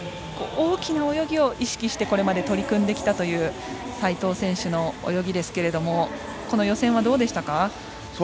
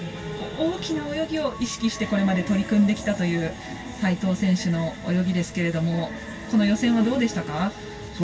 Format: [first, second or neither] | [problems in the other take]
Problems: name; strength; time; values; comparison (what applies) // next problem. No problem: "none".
first | background sound (Piano); 18 dB below the speech // room echo; dies away in 0.1 s